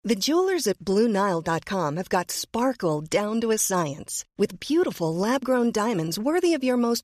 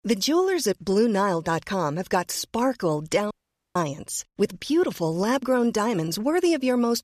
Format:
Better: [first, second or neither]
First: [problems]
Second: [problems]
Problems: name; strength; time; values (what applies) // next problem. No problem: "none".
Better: first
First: none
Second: audio cutting out; at 3.5 s